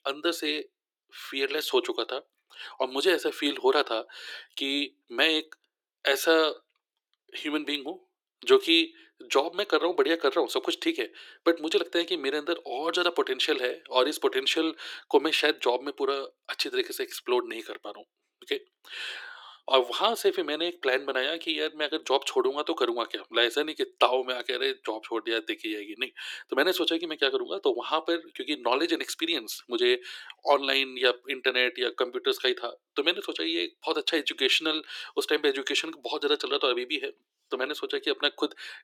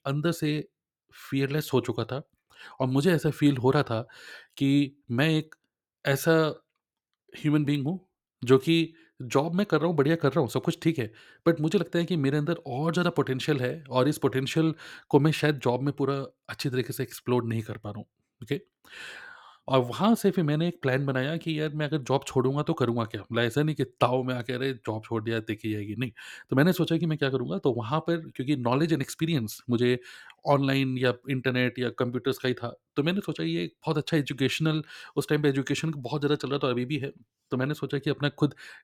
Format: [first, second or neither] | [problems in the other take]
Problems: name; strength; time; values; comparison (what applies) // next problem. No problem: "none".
second | thin; very; fading below 350 Hz